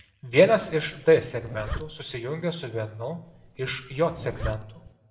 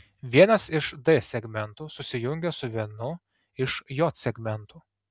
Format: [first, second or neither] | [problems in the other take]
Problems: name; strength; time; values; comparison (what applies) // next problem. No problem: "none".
second | background sound (Zipper (clothing)); 12 dB below the speech // room echo; dies away in 0.7 s